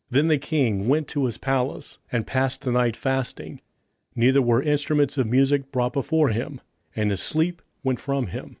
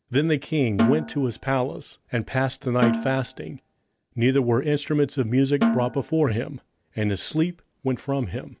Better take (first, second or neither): first